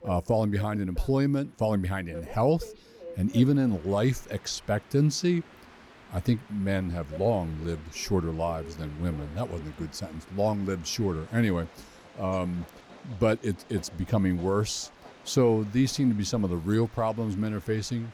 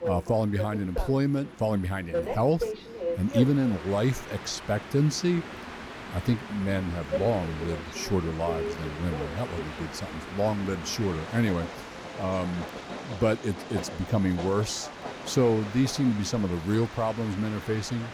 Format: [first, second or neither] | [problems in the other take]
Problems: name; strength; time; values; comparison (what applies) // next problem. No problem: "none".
first | train or aircraft noise; loud; throughout; 9 dB below the speech; faint in the first